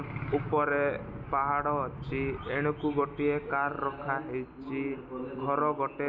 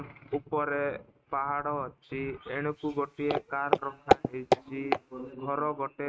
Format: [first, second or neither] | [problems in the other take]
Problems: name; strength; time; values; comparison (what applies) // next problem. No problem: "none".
first | noise reduction (neural mask model RNNoise)